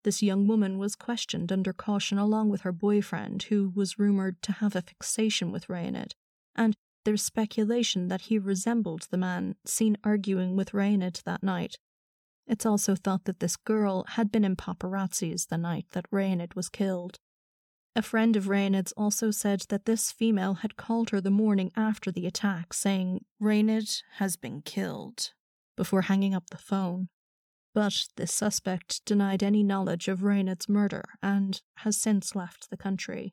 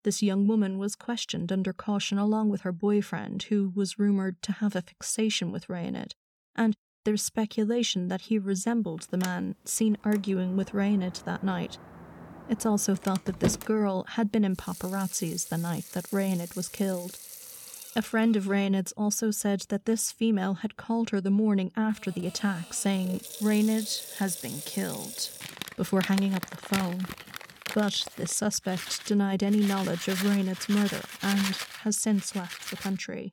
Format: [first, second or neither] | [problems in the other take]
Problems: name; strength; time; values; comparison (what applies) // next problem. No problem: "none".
first | household noises; noticeable; from 8.5 s on; 10 dB below the speech